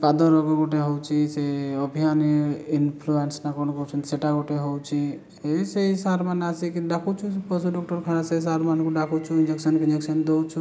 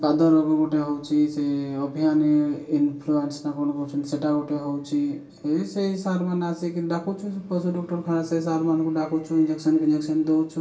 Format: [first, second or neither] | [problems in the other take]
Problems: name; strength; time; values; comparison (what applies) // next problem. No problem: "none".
first | room echo; dies away in 0.3 s